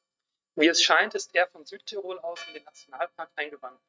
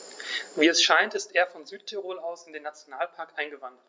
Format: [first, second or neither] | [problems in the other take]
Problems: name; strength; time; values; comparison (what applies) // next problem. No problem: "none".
second | noise reduction (neural mask model RNNoise)